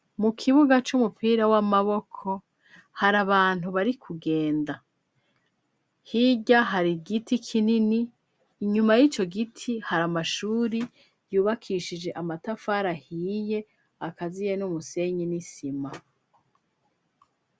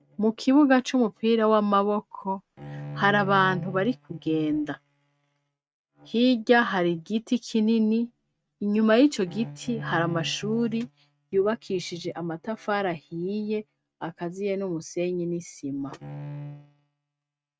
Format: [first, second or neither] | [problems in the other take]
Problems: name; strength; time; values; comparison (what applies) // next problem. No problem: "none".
first | noise reduction (neural mask model RNNoise)